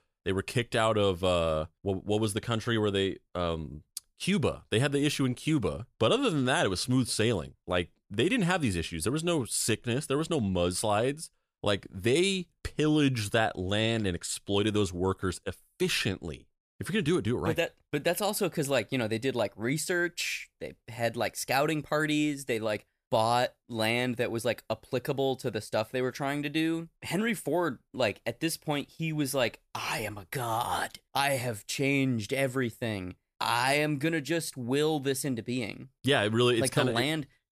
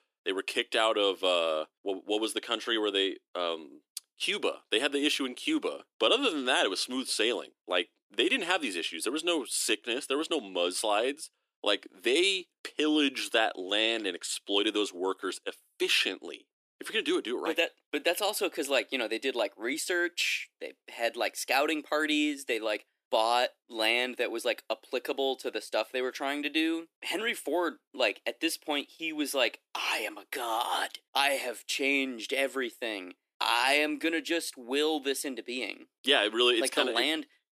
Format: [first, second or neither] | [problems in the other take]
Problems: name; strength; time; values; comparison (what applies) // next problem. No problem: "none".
first | thin; somewhat; fading below 300 Hz